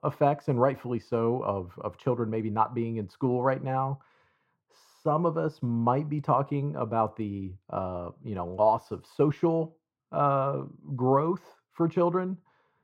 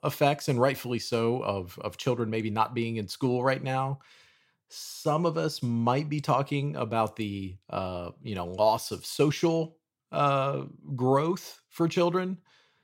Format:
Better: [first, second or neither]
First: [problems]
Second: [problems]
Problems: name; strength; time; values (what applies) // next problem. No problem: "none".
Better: second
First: muffled; very; fading above 2 kHz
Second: none